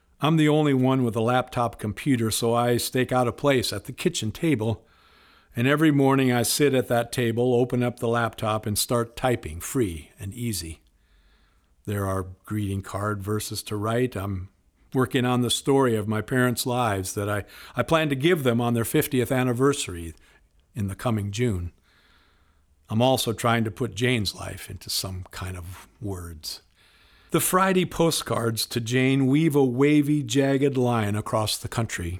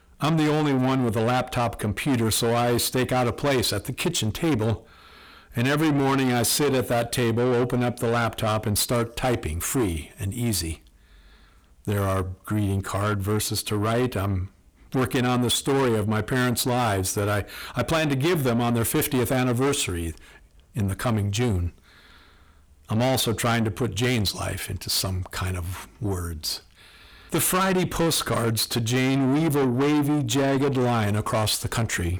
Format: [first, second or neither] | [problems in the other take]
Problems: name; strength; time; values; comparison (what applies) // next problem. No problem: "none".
first | distortion; heavy; 7 dB below the speech